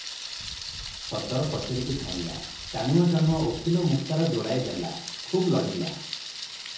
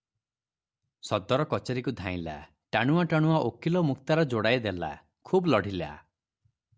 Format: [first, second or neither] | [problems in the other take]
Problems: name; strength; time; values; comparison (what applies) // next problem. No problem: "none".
second | background sound (Thunder); 10 dB below the speech // room echo; dies away in 0.7 s